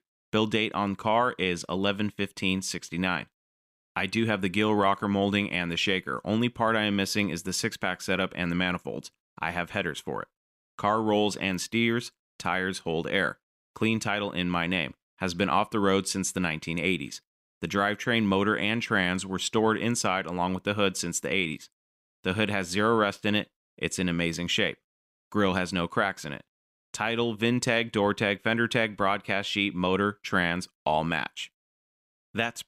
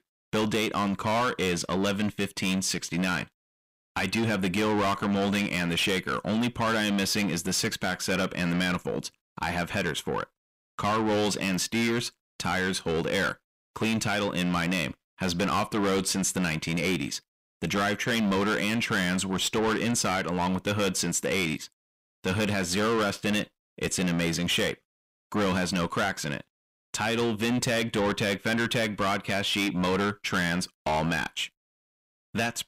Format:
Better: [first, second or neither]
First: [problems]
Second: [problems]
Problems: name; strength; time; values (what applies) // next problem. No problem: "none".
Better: first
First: none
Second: distortion; heavy; 6 dB below the speech